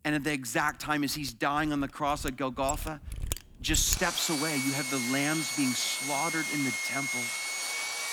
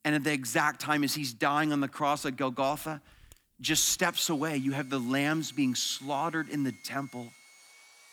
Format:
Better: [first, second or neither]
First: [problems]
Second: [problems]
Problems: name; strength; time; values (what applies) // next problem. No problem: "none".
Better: second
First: machinery noise; loud; throughout; 1 dB below the speech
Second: machinery noise; faint; throughout; 25 dB below the speech